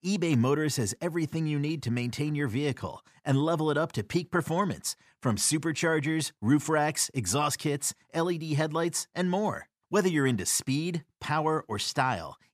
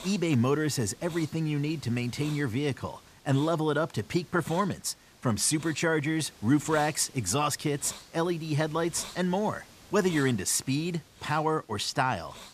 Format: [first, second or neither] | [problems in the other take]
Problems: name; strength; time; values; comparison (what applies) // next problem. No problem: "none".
first | hiss; noticeable; throughout; 20 dB below the speech